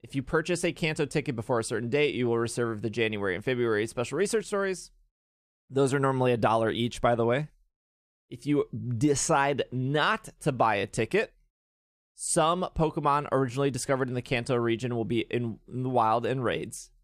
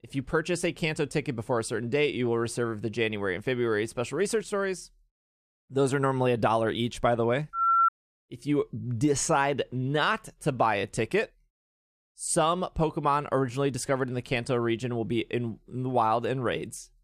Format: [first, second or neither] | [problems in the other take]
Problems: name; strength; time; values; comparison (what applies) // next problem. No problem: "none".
first | phone ringing; loud; at 7.5 s; peak 6 dB above the speech